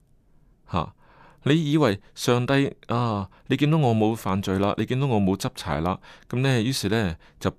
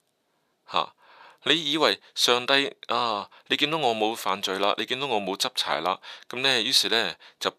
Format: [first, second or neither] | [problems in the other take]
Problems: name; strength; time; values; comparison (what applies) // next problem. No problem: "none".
first | thin; very; fading below 550 Hz